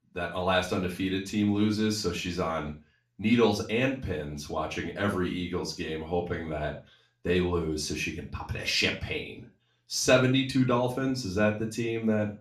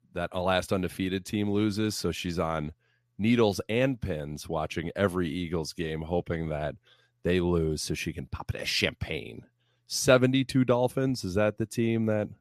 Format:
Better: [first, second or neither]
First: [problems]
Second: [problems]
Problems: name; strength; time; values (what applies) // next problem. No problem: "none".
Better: second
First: room echo; slight; dies away in 0.3 s // off-mic speech; far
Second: none